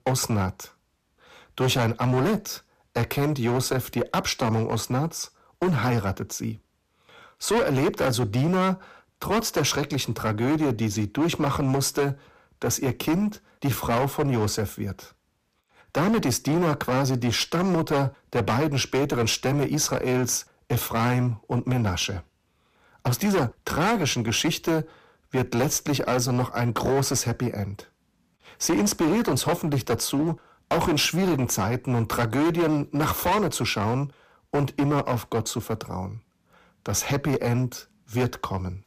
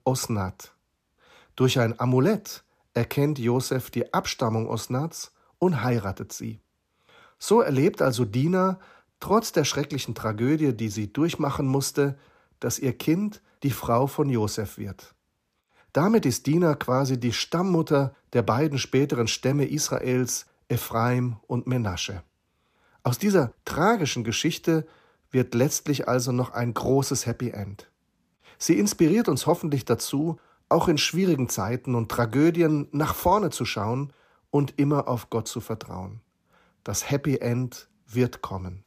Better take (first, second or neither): second